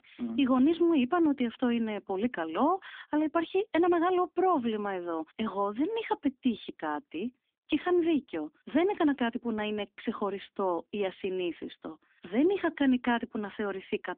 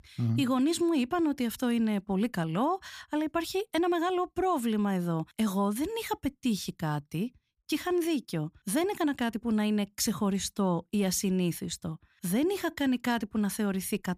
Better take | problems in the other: second | phone-call audio

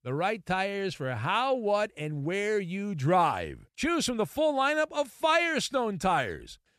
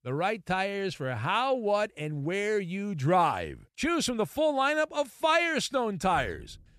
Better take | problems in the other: first | door banging; faint; at 6 s; peak 15 dB below the speech

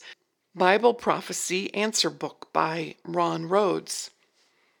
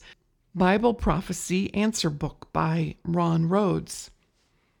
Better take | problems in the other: second | thin; somewhat; fading below 400 Hz

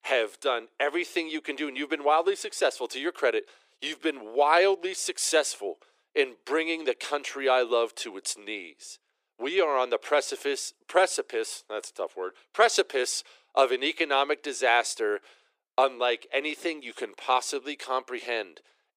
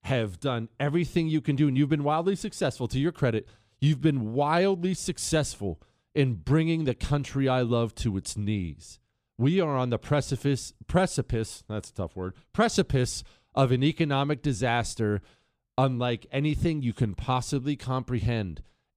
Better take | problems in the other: second | thin; very; fading below 400 Hz

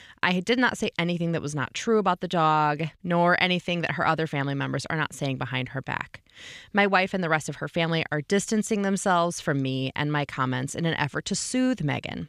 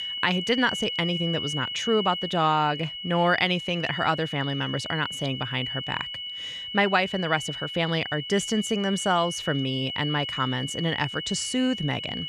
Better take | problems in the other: first | high-pitched whine; loud; throughout; 3 kHz, 5 dB below the speech

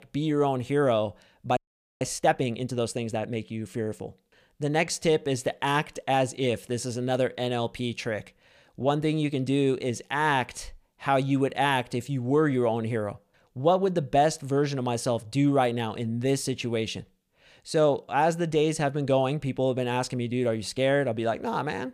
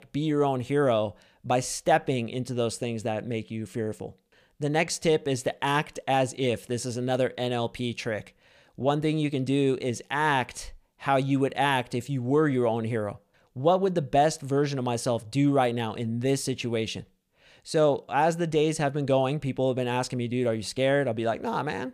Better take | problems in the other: second | audio freezing; at 1.5 s

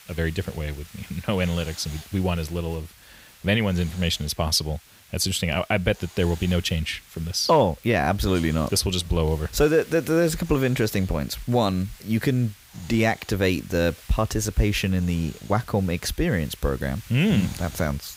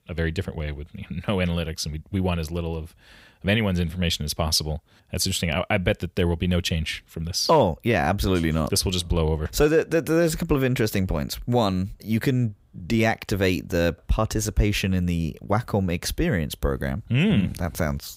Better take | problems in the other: second | hiss; faint; throughout; 20 dB below the speech

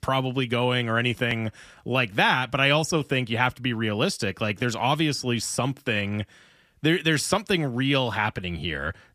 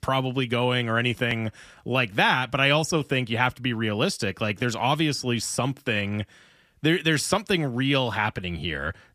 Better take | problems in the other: neither | none

